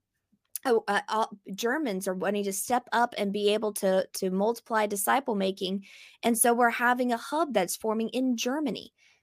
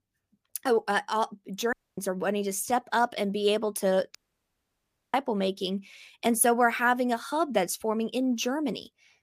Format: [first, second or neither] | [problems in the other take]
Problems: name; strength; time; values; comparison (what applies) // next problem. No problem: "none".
first | audio cutting out; at 1.5 s and at 4 s for 1 s